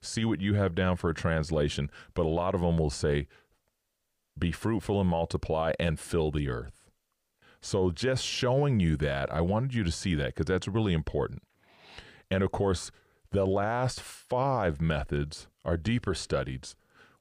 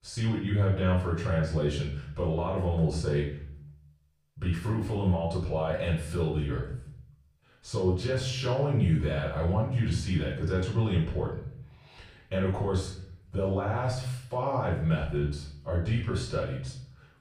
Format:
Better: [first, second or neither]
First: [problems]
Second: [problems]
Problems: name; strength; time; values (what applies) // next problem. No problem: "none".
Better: first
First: none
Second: off-mic speech; far // room echo; noticeable; dies away in 0.6 s